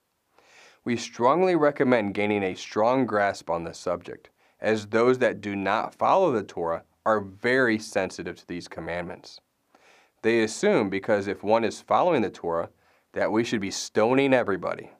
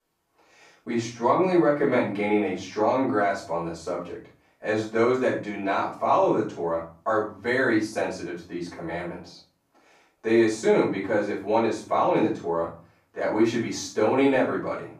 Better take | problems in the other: first | room echo; noticeable; dies away in 0.4 s // off-mic speech; far

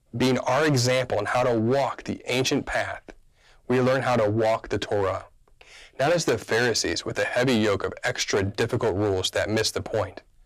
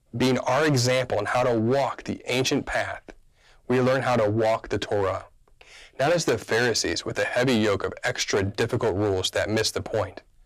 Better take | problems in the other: neither | distortion; slight; 9% of the sound clipped; the same in both

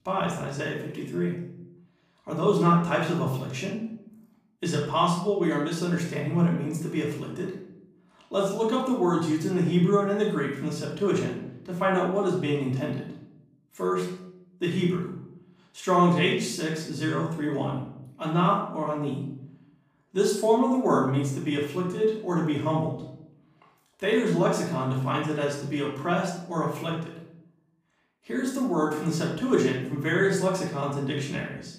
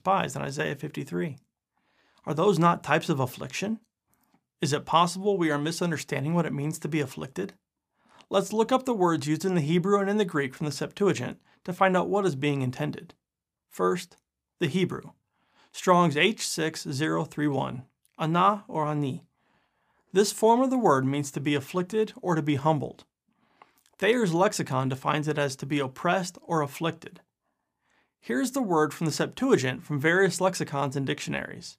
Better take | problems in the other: second | off-mic speech; far // room echo; noticeable; dies away in 0.6 s

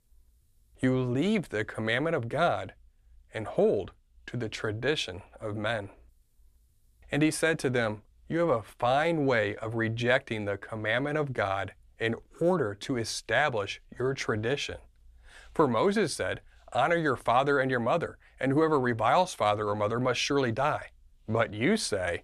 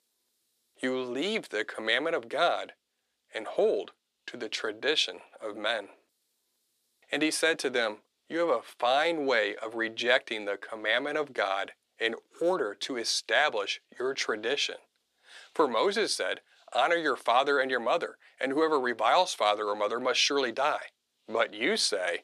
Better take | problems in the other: first | thin; somewhat; fading below 300 Hz

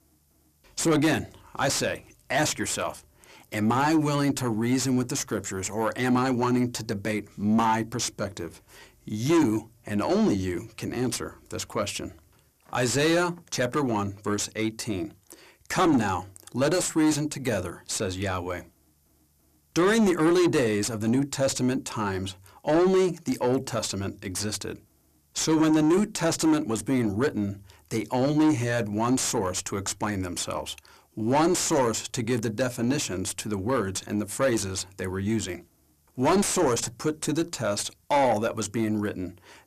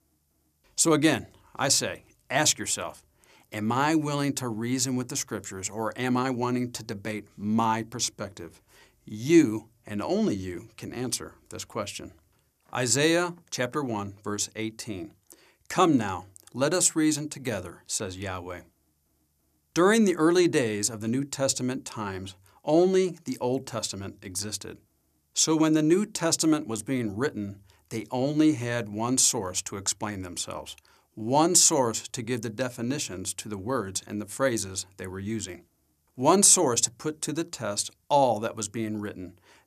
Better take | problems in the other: second | distortion; heavy; 6 dB below the speech

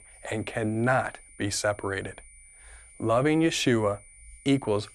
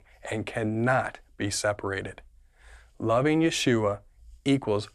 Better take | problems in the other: second | high-pitched whine; faint; throughout; 9.5 kHz, 25 dB below the speech

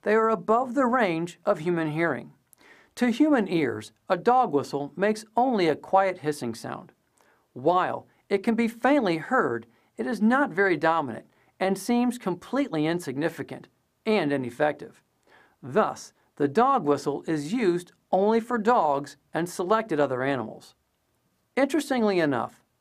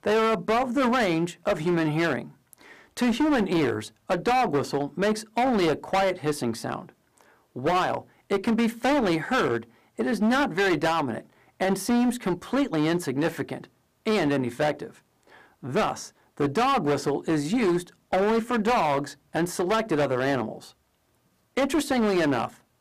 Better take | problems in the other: first | distortion; heavy; 15% of the sound clipped

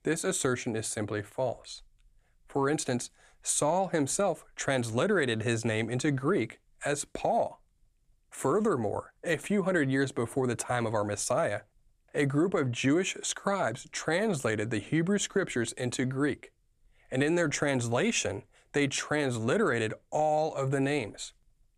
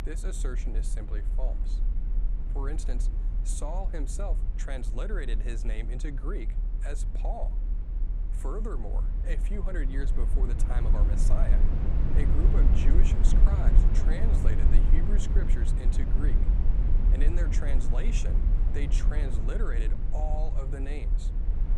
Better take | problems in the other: first | low rumble; loud; throughout; 4 dB below the speech

